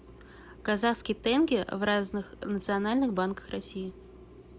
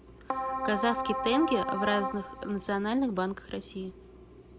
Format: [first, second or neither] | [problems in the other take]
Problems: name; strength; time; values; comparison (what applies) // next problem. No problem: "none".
first | background sound (Keyboard (musical)); 2 dB below the speech